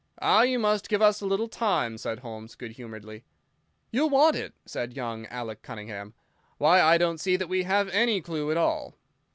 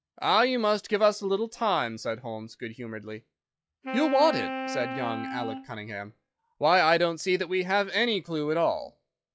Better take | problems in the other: first | noise reduction (classical method log-MMSE)

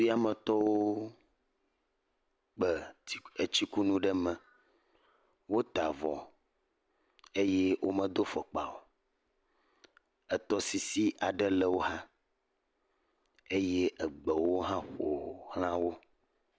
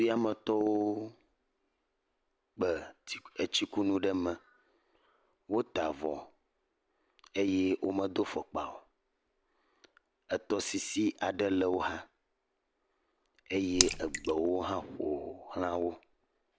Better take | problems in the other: first | background sound (Raindrop / Splash, splatter); 2 dB above the speech

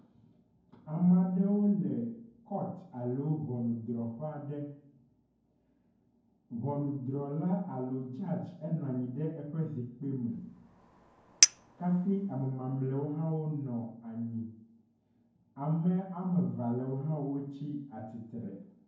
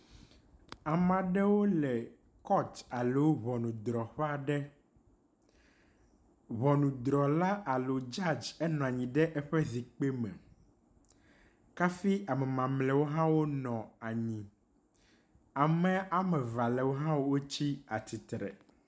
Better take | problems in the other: second | background sound (Chink, clink); 2 dB above the speech // room echo; dies away in 0.9 s

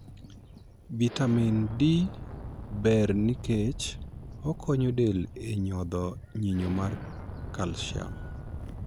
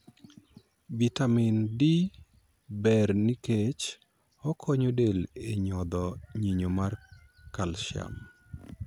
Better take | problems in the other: second | background sound (Explosion); 11 dB below the speech

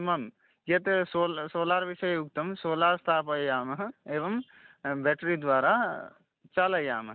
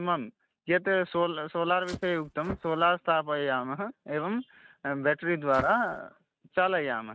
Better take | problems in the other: first | noise reduction (neural mask model RNNoise)

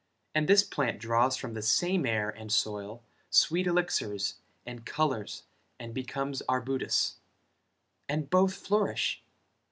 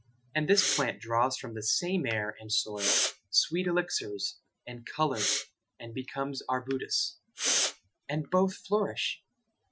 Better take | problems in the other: first | noise reduction (classical method Wiener filter)

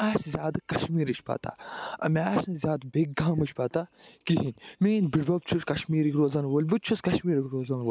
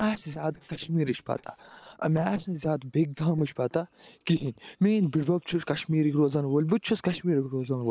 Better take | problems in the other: first | noise reduction (neural separator model SepFormer DNS4)

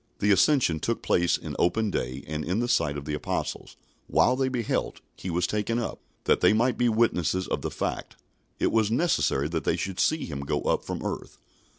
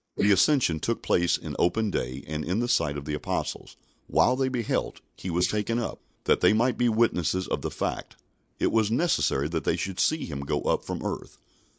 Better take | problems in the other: first | noise reduction (neural mask model Resemble Enhance denoiser)

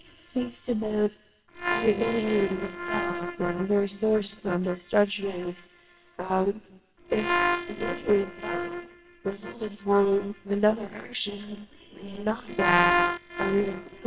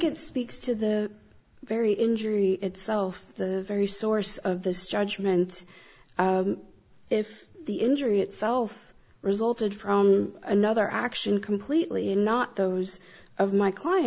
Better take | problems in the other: second | noise reduction (neural separator model SepFormer WHAMR!)

